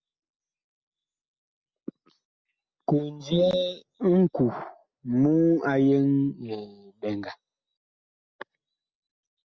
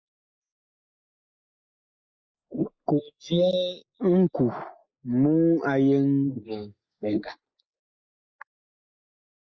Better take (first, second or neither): first